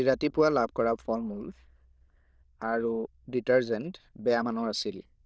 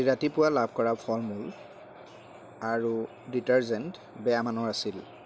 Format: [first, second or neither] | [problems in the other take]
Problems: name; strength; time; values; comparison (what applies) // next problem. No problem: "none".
second | noise reduction (neural diffusion model UNIVERSE++)